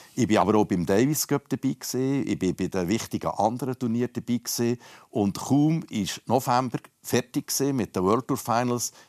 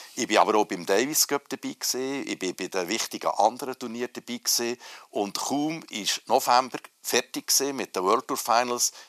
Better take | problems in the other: first | thin; somewhat; fading below 500 Hz

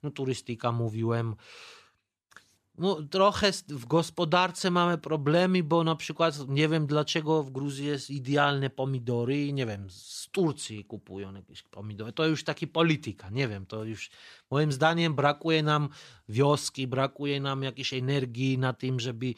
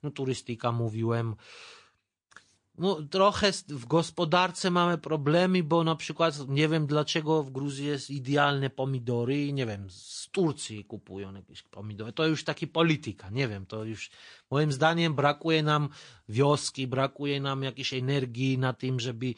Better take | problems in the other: first | garbled, watery; slightly; nothing above 9 kHz

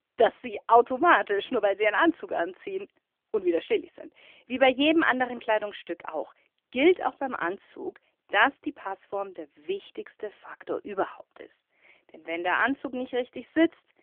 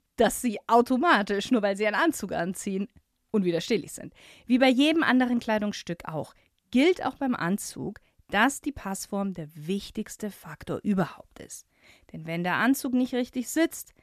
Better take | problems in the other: second | phone-call audio; nothing above 3.5 kHz

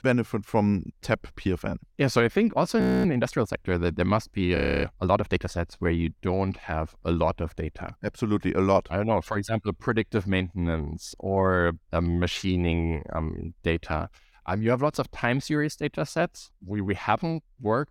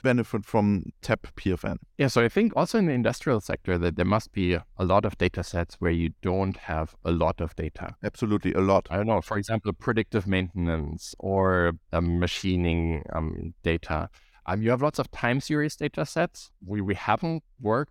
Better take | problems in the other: second | audio freezing; at 3 s and at 4.5 s

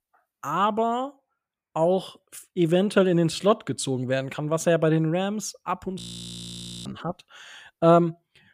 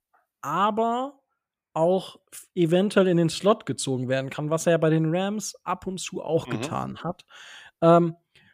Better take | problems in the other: second | audio freezing; at 6 s for 1 s

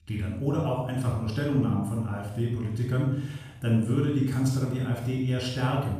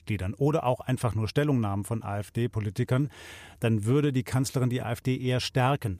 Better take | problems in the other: second | off-mic speech; far // room echo; noticeable; dies away in 0.6 s

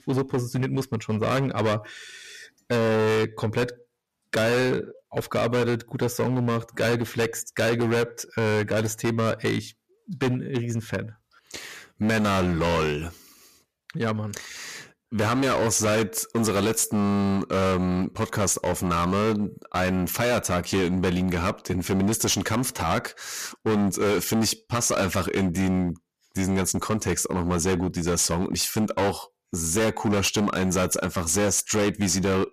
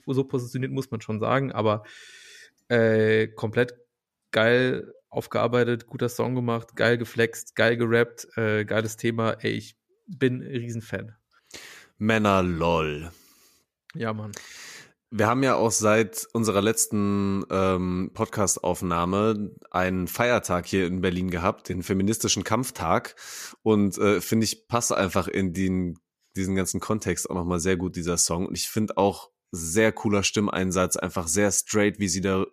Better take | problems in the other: second | distortion; heavy; 18% of the sound clipped

